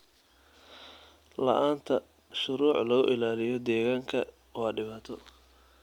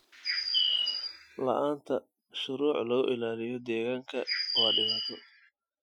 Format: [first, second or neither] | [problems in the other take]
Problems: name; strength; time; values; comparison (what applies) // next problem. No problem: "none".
first | noise reduction (classical method Wiener filter)